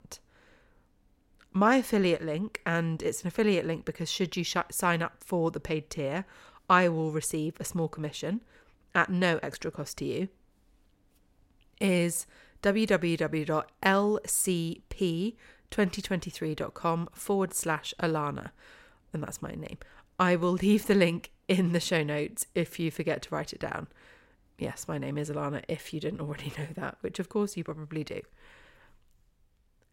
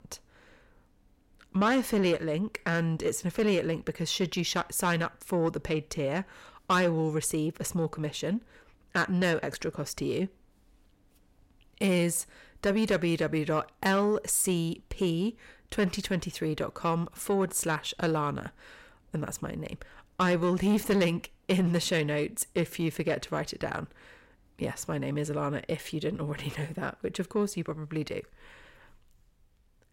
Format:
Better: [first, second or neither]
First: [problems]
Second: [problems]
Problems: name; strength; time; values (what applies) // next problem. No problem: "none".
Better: first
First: none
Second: distortion; slight; 10 dB below the speech